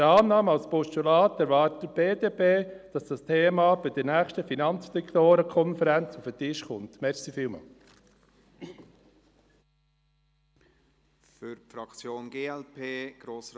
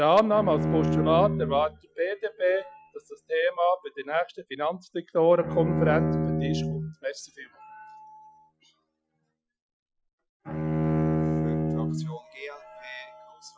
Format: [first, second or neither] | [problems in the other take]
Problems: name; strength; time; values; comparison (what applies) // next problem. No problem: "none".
first | noise reduction (classical method Wiener filter)